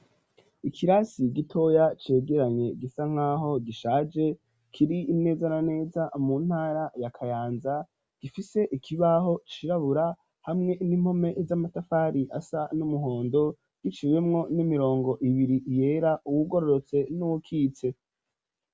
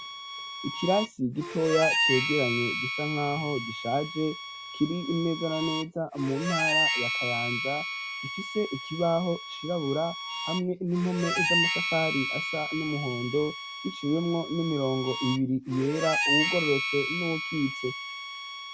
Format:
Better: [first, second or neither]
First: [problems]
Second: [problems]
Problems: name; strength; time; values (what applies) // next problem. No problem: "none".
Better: first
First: none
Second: background sound (Harmonica); 2 dB below the speech